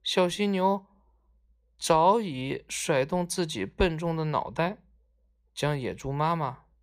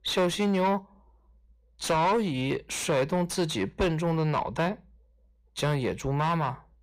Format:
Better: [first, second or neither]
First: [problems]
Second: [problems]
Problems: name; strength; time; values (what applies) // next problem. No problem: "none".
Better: first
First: none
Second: distortion; heavy; 7 dB below the speech